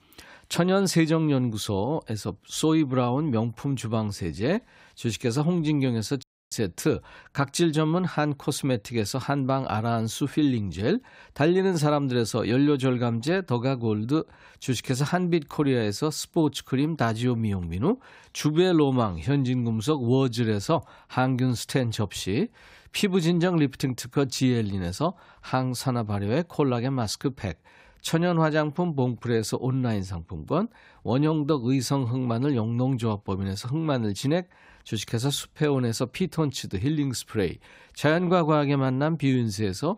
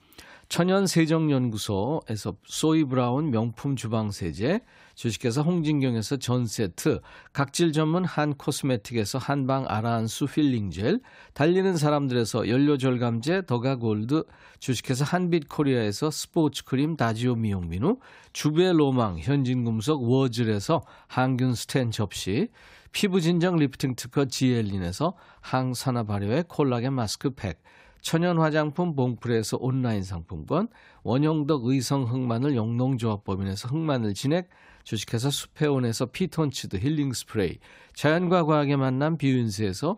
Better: second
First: audio cutting out; at 6 s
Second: none

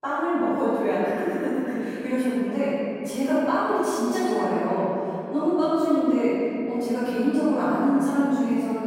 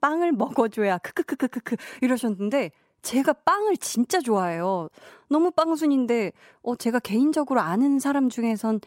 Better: second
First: off-mic speech; far // room echo; strong; dies away in 2.9 s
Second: none

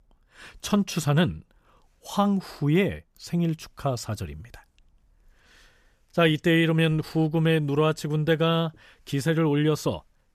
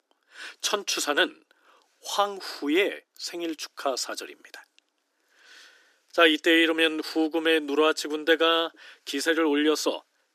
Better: first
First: none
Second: thin; somewhat; fading below 300 Hz

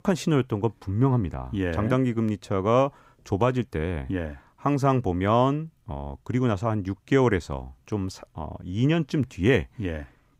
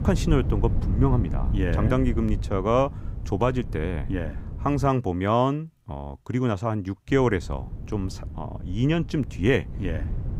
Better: first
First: none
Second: wind noise on the microphone; occasional gusts; until 5 s and from 7 s on; 15 dB below the speech

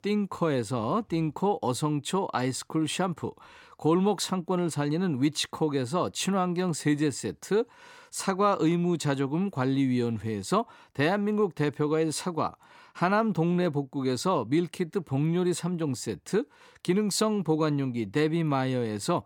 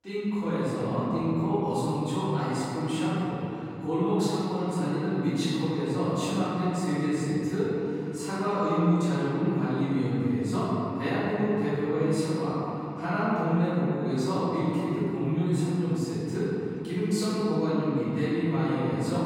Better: first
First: none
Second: room echo; strong; dies away in 3 s // off-mic speech; far

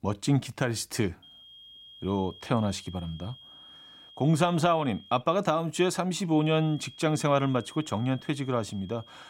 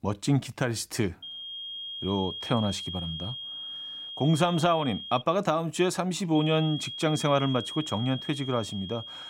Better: first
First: high-pitched whine; faint; from 1 to 5 s and from 6.5 s on; 3.5 kHz, 20 dB below the speech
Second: high-pitched whine; loud; from 1 to 5 s and from 6.5 s on; 3.5 kHz, 8 dB below the speech

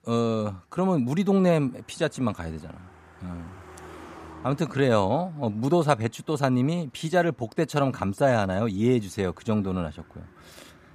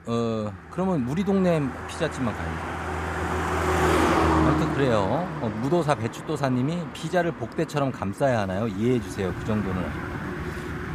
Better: first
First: traffic noise; faint; throughout; 25 dB below the speech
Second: traffic noise; loud; throughout; 2 dB below the speech

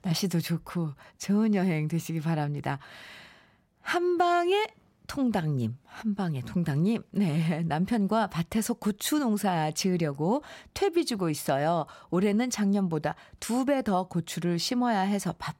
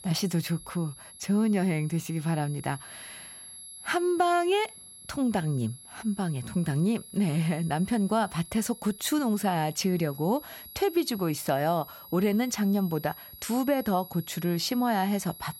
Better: first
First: none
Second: high-pitched whine; noticeable; throughout; 11 kHz, 15 dB below the speech

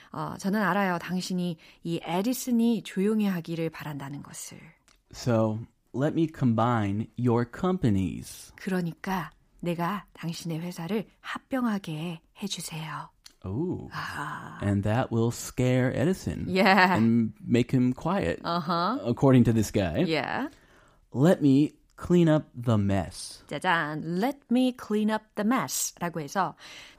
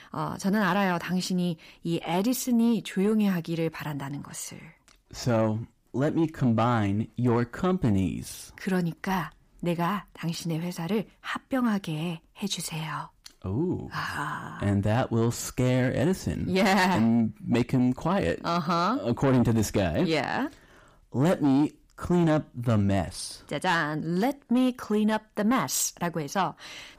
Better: first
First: none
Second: distortion; slight; 10 dB below the speech

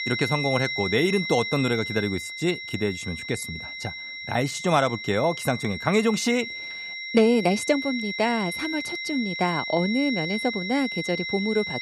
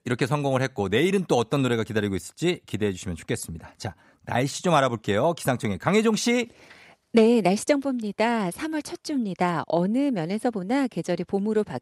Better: second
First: high-pitched whine; loud; throughout; 2 kHz, 5 dB below the speech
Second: none

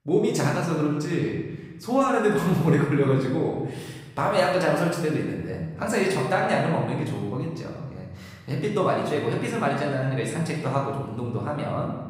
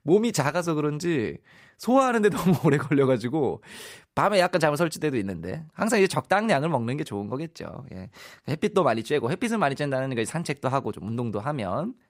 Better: second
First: room echo; noticeable; dies away in 1.1 s // off-mic speech; far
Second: none

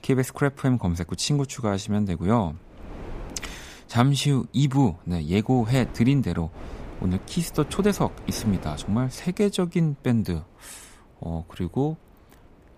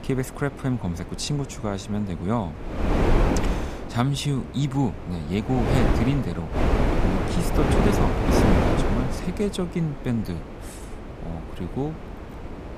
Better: first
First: wind noise on the microphone; occasional gusts; 15 dB below the speech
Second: wind noise on the microphone; heavy; 4 dB above the speech

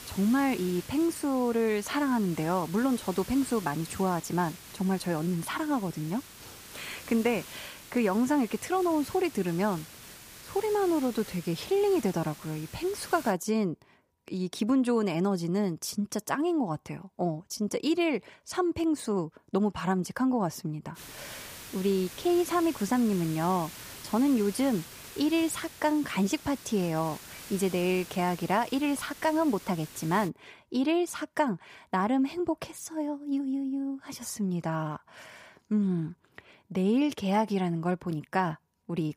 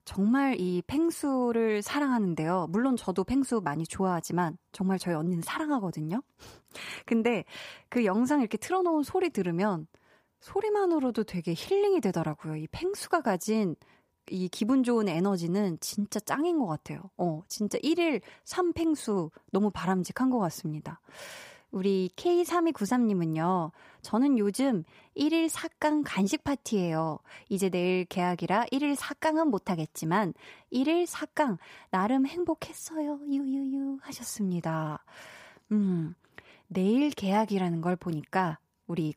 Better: second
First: hiss; noticeable; until 13 s and from 21 to 30 s; 15 dB below the speech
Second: none

